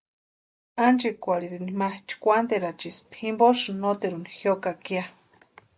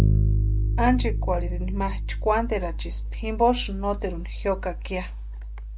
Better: first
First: none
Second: background sound (Bass guitar); 2 dB above the speech

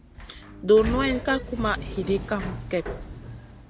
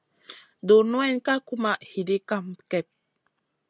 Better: second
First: background sound (Sliding door); 8 dB below the speech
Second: none

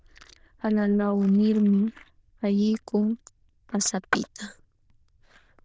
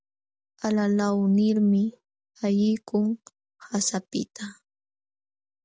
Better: second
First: noise reduction (neural diffusion model UNIVERSE++)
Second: none

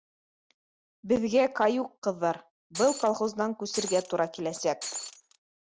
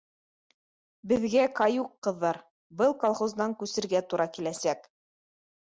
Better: second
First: background sound (Shatter); 9 dB below the speech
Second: none

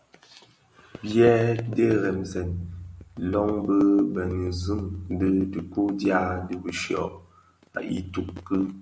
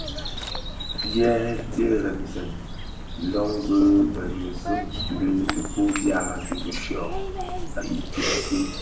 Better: first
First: none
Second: background sound (Bird vocalization, bird call, bird song); 5 dB below the speech // room echo; dies away in 0.2 s

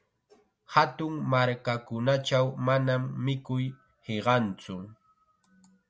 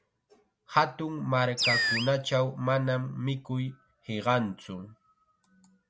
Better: first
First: none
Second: background sound (Animal); 1 dB below the speech

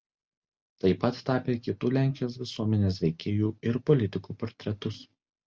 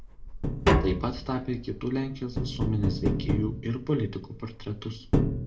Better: first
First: none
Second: background sound (Tap); 2 dB above the speech // room echo; dies away in 0.3 s

